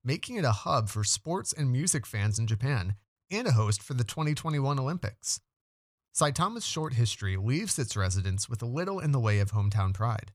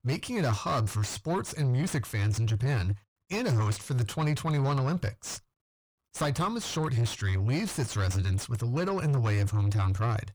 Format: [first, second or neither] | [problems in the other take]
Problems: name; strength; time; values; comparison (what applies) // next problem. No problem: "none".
first | distortion; heavy; 7 dB below the speech